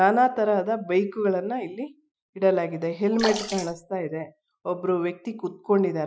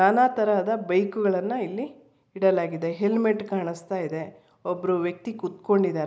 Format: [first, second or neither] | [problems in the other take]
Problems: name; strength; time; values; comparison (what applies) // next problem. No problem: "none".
second | noise reduction (classical method Wiener filter)